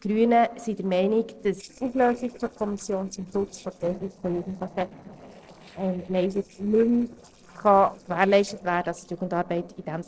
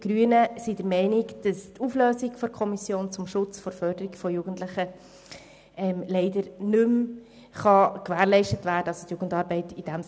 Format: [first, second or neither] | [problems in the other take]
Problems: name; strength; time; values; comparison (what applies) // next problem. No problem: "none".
second | noise reduction (neural separator model SepFormer DNS4)